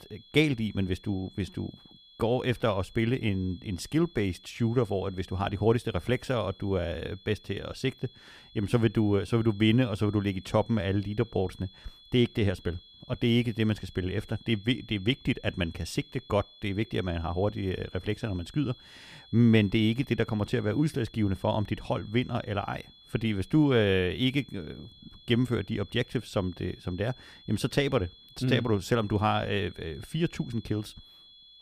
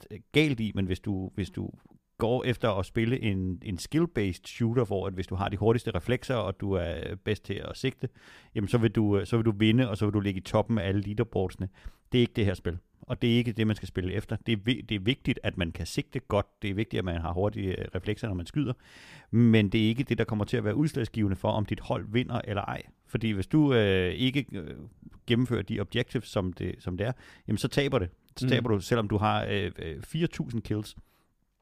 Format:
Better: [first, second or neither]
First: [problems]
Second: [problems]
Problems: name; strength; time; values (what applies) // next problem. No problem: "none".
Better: second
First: high-pitched whine; faint; throughout; 3.5 kHz, 25 dB below the speech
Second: none